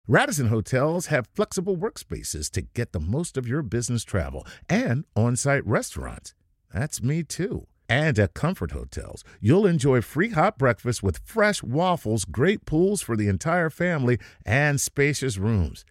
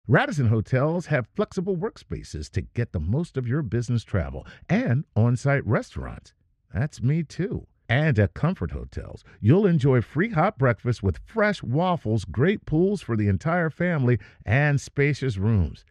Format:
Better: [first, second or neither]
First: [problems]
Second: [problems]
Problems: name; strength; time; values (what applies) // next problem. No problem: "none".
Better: first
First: none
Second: muffled; slightly; fading above 3.5 kHz